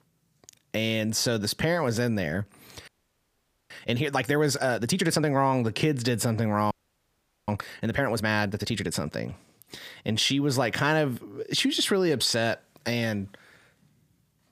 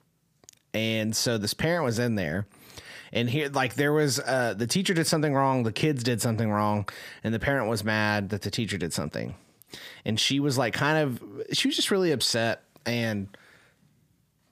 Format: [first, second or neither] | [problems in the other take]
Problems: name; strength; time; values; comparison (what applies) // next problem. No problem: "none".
second | audio freezing; at 3 s for 1 s and at 6.5 s for 1 s